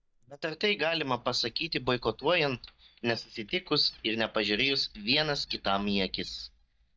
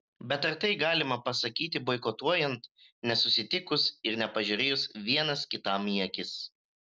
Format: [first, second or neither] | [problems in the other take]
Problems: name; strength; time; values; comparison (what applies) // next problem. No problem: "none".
second | noise reduction (neural mask model DeepFilterNet 3)